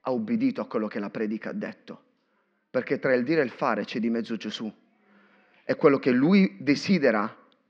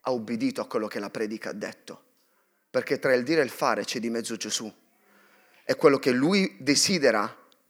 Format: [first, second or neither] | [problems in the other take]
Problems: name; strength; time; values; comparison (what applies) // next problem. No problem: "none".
second | muffled; slightly; fading above 4 kHz